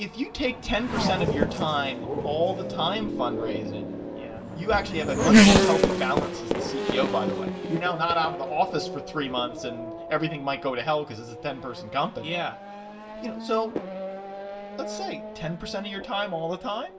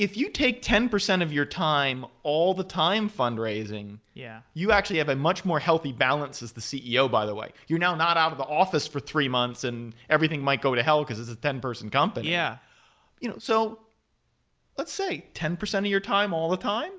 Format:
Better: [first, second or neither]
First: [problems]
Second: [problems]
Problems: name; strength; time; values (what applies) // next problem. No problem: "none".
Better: second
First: background sound (Race car, auto racing / Accelerating, revving, vroom); 2 dB above the speech // room echo; dies away in 0.2 s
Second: none